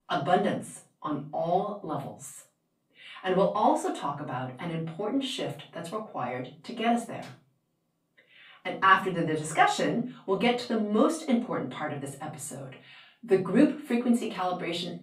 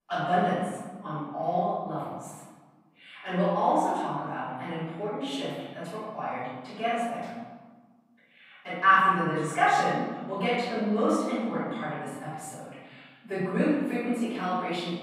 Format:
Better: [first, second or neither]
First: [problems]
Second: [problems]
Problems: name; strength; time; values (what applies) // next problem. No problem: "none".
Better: first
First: room echo; slight; dies away in 0.3 s // off-mic speech; far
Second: room echo; strong; dies away in 1.3 s // off-mic speech; far